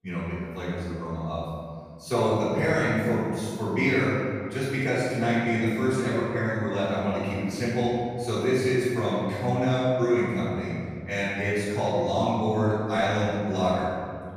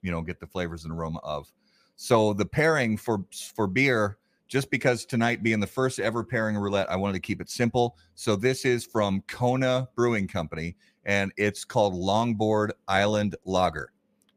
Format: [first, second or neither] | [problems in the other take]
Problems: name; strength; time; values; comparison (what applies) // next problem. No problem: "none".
second | off-mic speech; far // room echo; strong; dies away in 2 s